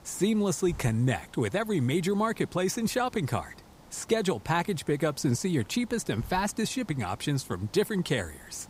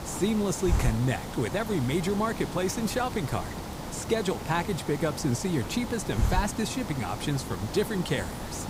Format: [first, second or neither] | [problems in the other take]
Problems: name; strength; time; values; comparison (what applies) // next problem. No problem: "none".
first | hiss; loud; throughout; 6 dB below the speech; faint in the first